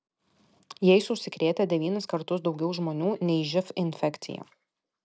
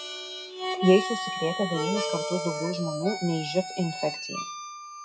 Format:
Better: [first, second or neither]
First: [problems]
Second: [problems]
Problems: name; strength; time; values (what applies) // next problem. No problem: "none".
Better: first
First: none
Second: noise reduction (classical method WPE with log-MMSE)